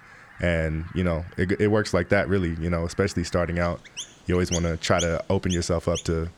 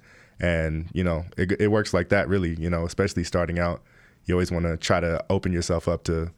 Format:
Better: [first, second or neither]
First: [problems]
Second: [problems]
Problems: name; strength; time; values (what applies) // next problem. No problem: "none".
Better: second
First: animal sounds; noticeable; throughout; 15 dB below the speech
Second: none